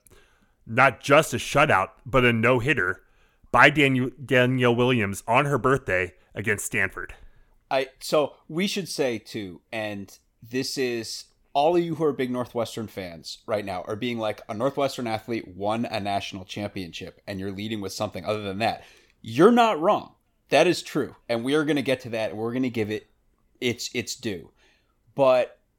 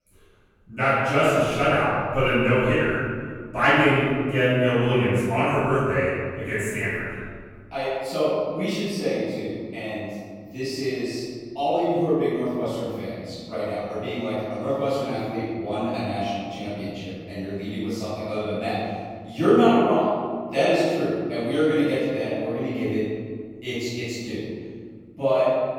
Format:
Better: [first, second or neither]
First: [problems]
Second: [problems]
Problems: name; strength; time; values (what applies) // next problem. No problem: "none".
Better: first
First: none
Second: off-mic speech; far // room echo; strong; dies away in 2 s